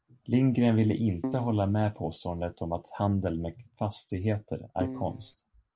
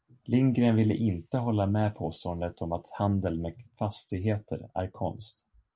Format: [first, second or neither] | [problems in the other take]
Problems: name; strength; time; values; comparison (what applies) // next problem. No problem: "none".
second | background sound (Keyboard (musical)); 7 dB below the speech